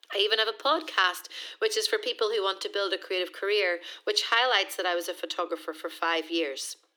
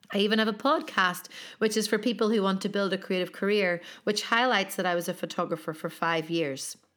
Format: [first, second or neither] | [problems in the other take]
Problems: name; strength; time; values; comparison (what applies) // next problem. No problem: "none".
second | thin; very; fading below 300 Hz